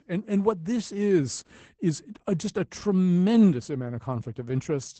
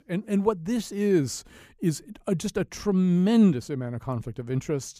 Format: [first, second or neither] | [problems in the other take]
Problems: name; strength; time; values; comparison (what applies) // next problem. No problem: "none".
second | garbled, watery; badly; nothing above 8 kHz